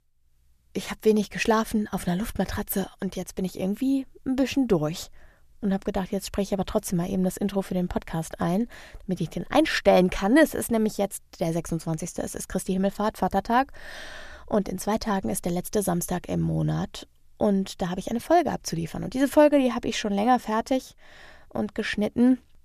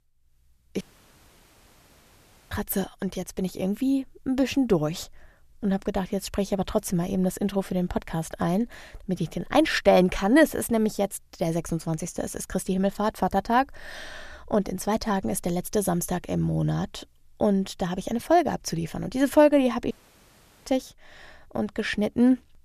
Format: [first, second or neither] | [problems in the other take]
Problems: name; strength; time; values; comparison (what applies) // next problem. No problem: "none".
first | audio cutting out; at 1 s for 1.5 s and at 20 s for 1 s